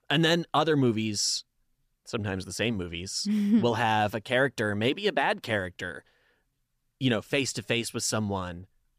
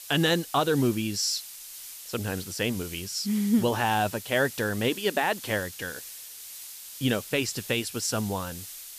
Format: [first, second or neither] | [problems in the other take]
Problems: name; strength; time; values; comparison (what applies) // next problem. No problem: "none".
first | hiss; noticeable; throughout; 10 dB below the speech